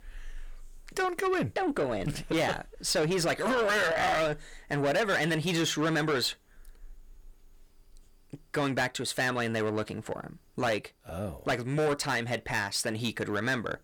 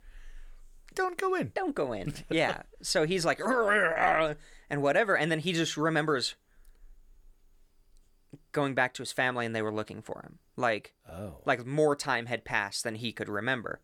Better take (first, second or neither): second